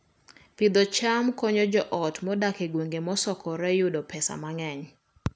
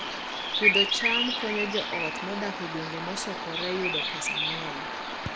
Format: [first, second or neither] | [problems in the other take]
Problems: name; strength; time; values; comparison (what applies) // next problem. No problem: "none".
first | background sound (Bird vocalization, bird call, bird song); 4 dB above the speech